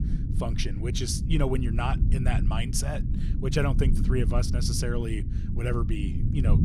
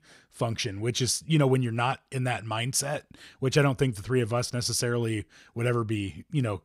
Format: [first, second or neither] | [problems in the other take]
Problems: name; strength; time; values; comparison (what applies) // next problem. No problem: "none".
second | low rumble; loud; throughout; 8 dB below the speech